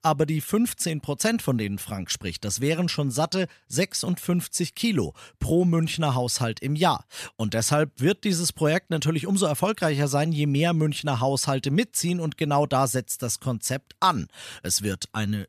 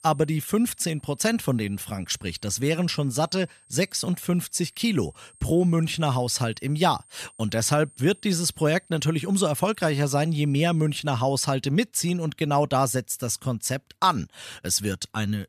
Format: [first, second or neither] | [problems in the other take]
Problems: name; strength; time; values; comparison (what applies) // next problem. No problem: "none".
first | high-pitched whine; faint; until 11 s; 8.5 kHz, 30 dB below the speech